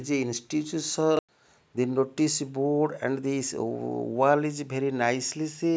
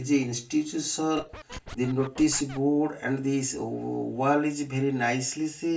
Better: first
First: none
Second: background sound (Scratching (performance technique)); 15 dB below the speech // room echo; dies away in 0.2 s

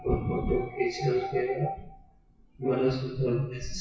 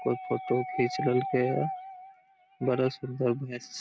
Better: second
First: noise reduction (classical method WPE with log-MMSE)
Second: none

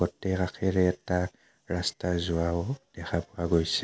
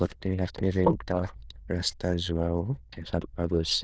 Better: first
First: none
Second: noise reduction (neural diffusion model UNIVERSE++)

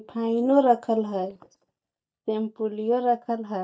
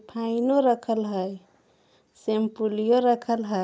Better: second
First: noise reduction (neural mask model DeepFilterNet 3)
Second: none

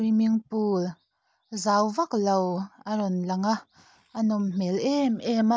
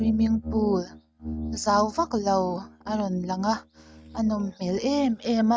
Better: first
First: none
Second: noise reduction (neural mask model RNNoise)

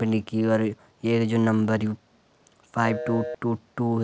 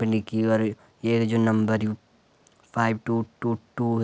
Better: second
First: background sound (Telephone); 9 dB below the speech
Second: none

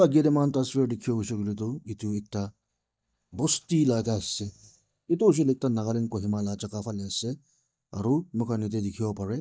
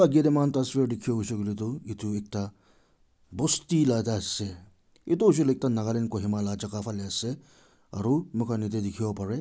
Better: second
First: noise reduction (neural mask model DeepFilterNet 3)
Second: none

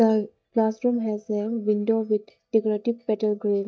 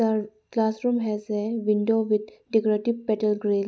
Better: second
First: noise reduction (neural mask model DeepFilterNet 3)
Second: none

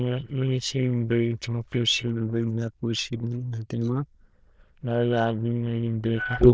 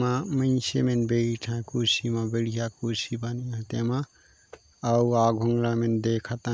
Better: second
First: noise reduction (neural diffusion model UNIVERSE++)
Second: none

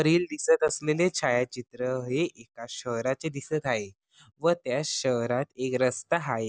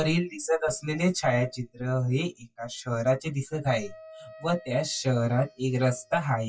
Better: first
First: none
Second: noise reduction (classical method WPE with log-MMSE)

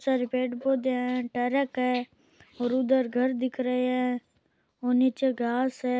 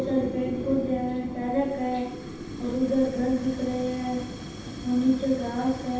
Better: first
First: none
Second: background sound (Fire); 9 dB below the speech // room echo; dies away in 0.7 s

